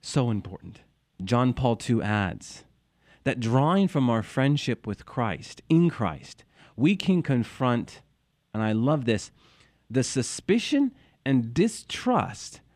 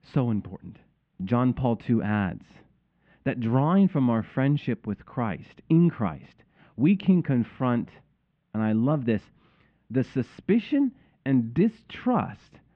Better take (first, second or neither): first